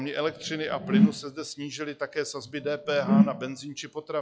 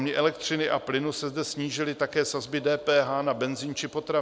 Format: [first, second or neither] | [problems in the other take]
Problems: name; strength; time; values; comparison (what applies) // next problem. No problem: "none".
second | noise reduction (classical method log-MMSE)